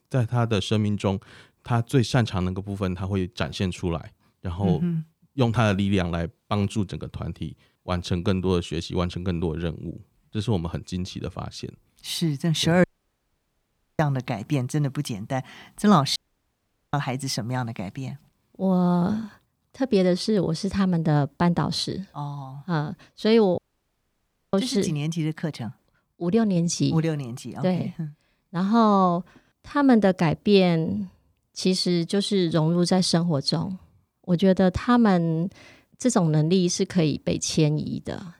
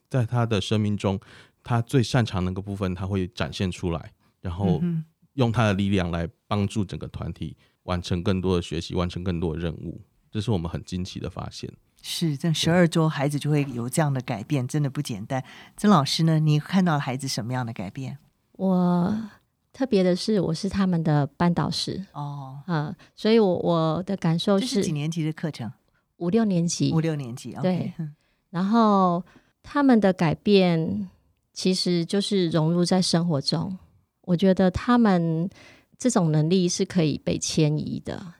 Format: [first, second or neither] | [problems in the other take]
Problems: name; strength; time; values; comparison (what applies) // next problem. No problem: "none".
second | audio cutting out; at 13 s for 1 s, at 16 s for 1 s and at 24 s for 1 s